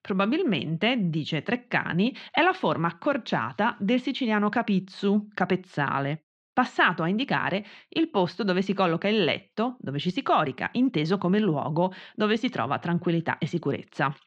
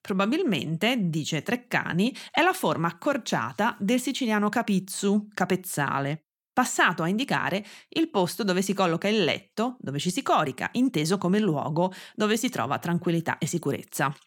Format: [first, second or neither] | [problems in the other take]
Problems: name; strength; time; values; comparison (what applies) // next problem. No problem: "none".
second | muffled; slightly; fading above 4 kHz